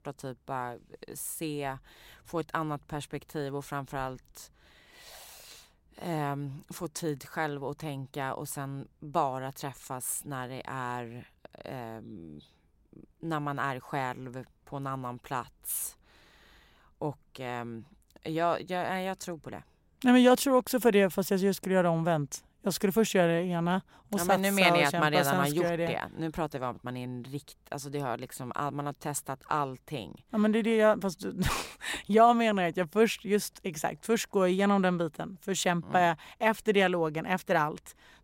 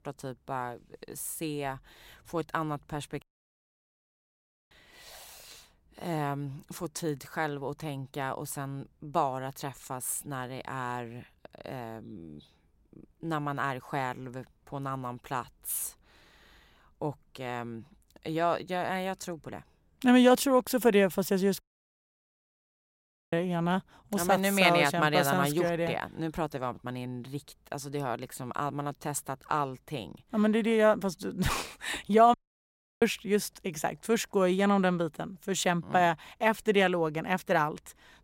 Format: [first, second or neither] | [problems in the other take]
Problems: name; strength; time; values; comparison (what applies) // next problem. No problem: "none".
first | audio cutting out; at 3 s for 1.5 s, at 22 s for 1.5 s and at 32 s for 0.5 s